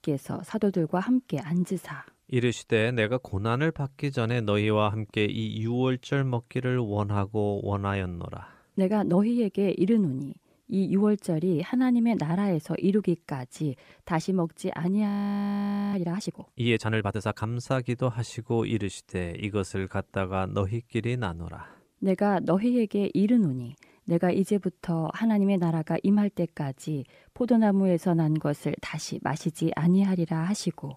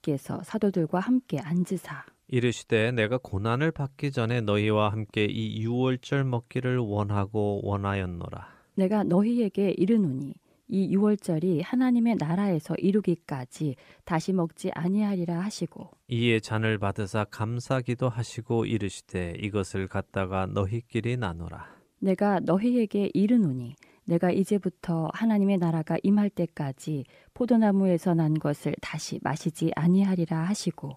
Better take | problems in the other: second | audio freezing; at 15 s for 1 s

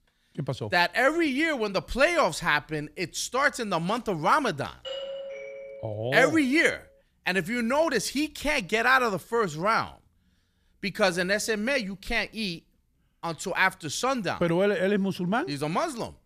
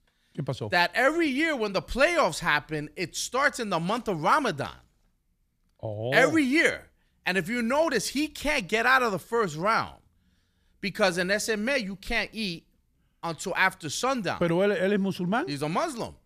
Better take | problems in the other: second | doorbell; noticeable; from 5 to 6.5 s; peak 9 dB below the speech

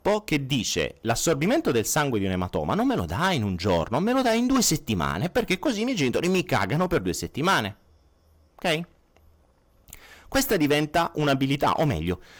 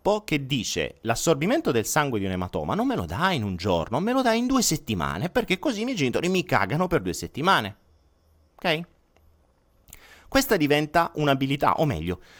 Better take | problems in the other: second | distortion; slight; 5% of the sound clipped

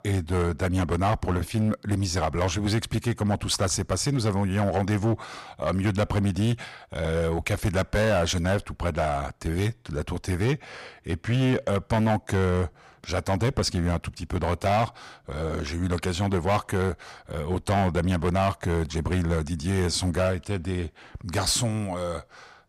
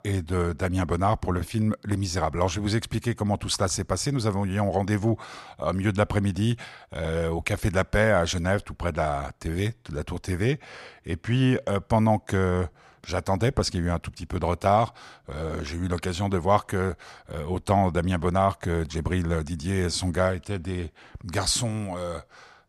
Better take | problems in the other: second | distortion; slight; 8% of the sound clipped

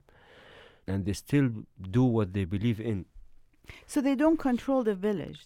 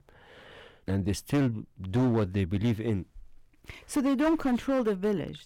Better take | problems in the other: first | distortion; slight; 9% of the sound clipped

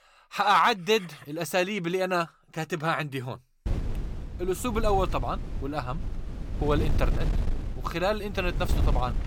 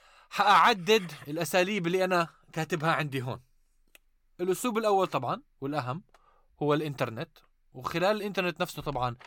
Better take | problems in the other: second | wind noise on the microphone; occasional gusts; from 3.5 s on; 15 dB below the speech

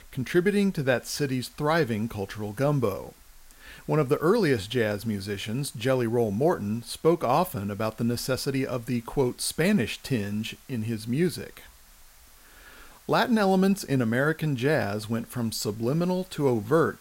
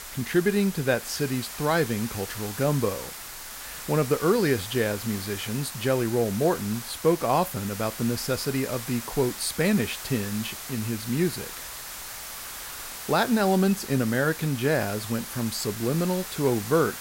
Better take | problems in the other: first | hiss; loud; throughout; 10 dB below the speech; faint in the first

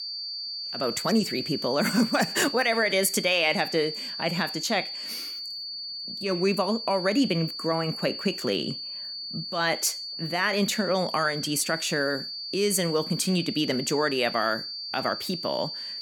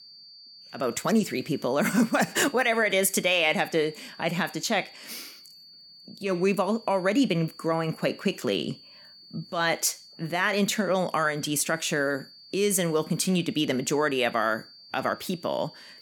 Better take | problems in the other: second | high-pitched whine; loud; throughout; 4.5 kHz, 6 dB below the speech; faint in the second

